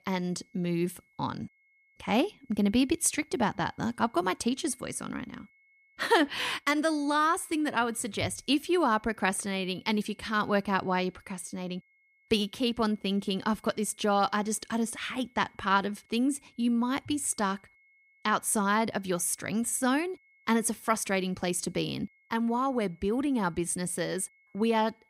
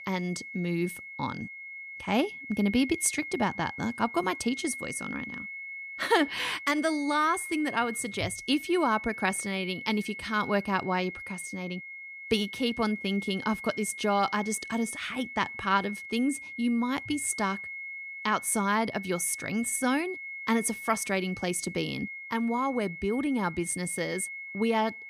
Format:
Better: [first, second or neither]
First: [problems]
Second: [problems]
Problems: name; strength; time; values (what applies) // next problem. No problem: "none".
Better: first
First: high-pitched whine; faint; throughout; 2 kHz, 35 dB below the speech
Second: high-pitched whine; loud; throughout; 2 kHz, 9 dB below the speech